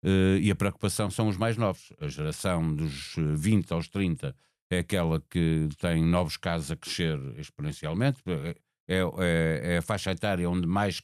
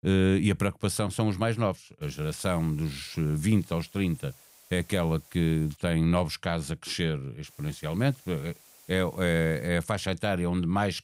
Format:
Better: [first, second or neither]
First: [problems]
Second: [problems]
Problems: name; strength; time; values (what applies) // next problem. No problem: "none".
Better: first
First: none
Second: hiss; faint; from 2 to 6 s and from 7.5 to 9.5 s; 25 dB below the speech